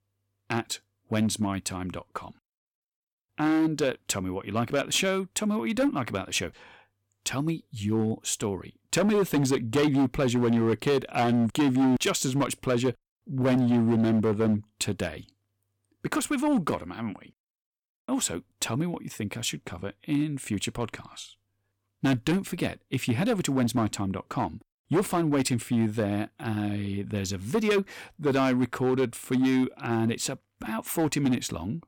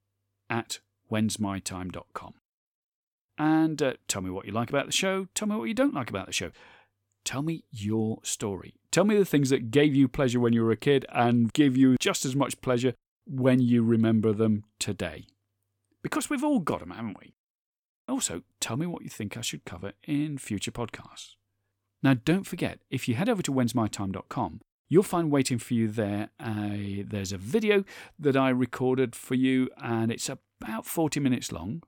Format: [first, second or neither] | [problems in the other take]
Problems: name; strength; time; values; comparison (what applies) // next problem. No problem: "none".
second | distortion; slight; 7% of the sound clipped